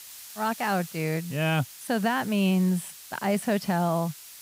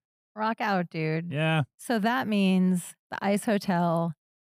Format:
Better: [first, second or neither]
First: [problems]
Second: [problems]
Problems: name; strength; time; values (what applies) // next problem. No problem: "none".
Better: second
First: hiss; noticeable; throughout; 15 dB below the speech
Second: none